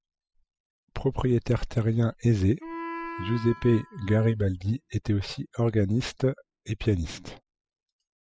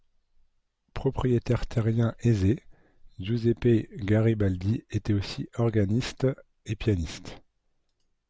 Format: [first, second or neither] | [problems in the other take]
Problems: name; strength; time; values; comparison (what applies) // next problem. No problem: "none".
second | noise reduction (classical method spectral subtraction)